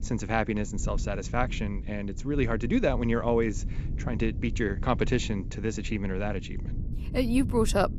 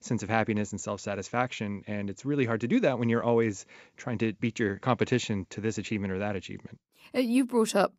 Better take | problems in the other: second | low rumble; noticeable; throughout; 20 dB below the speech

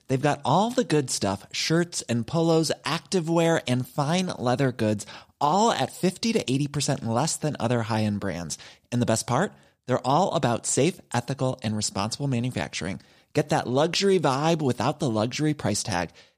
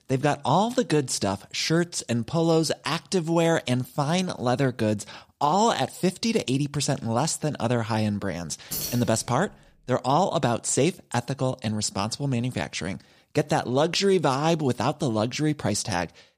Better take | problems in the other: first | jangling keys; noticeable; at 8.5 s; peak 5 dB below the speech

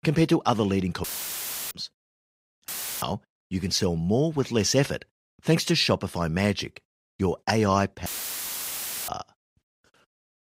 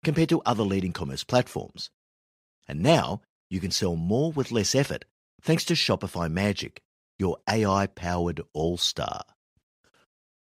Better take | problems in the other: second | audio cutting out; filled with static; at 1 s for 0.5 s, at 2.5 s and at 8 s for 1 s

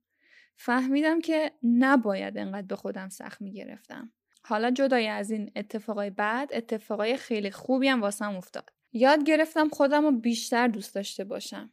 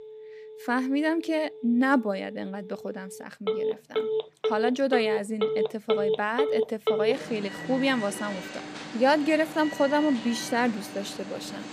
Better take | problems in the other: first | alarms or sirens; loud; throughout; 4 dB below the speech

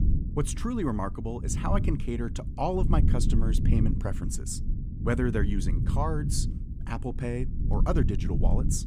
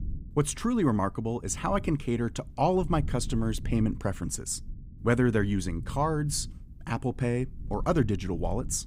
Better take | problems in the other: second | low rumble; loud; throughout; 9 dB below the speech; faint in the second

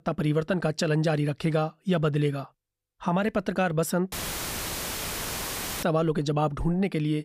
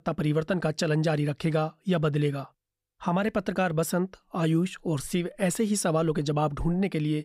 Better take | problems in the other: second | audio cutting out; filled with static; at 4 s for 1.5 s

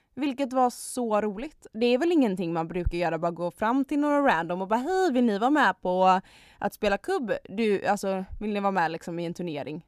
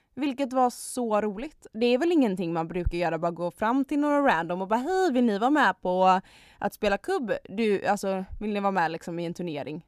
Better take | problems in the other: neither | none

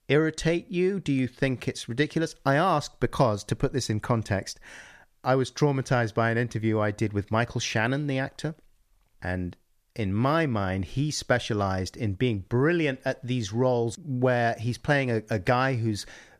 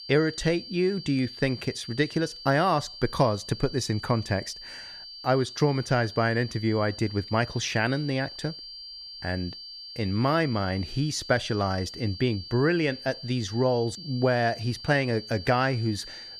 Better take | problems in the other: first | high-pitched whine; noticeable; throughout; 4.5 kHz, 15 dB below the speech

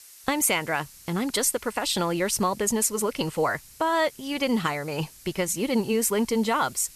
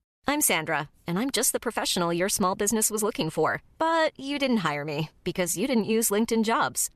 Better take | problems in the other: second | hiss; faint; throughout; 20 dB below the speech

